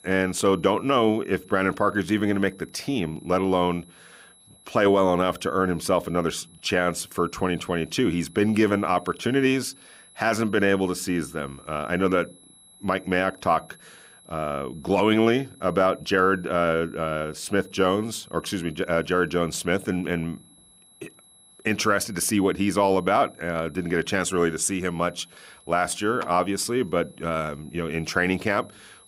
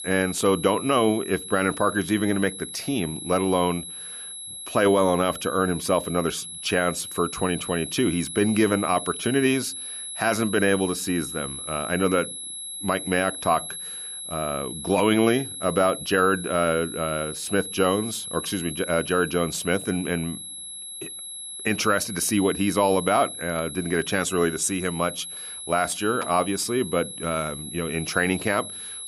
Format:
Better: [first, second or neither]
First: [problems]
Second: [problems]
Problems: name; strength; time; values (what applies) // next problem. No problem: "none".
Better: first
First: high-pitched whine; faint; throughout; 11 kHz, 25 dB below the speech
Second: high-pitched whine; loud; throughout; 11 kHz, 9 dB below the speech